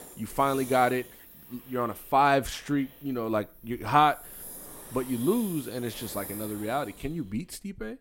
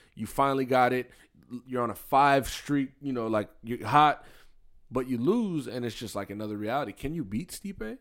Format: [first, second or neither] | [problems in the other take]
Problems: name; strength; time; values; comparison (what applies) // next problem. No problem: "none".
second | hiss; noticeable; throughout; 15 dB below the speech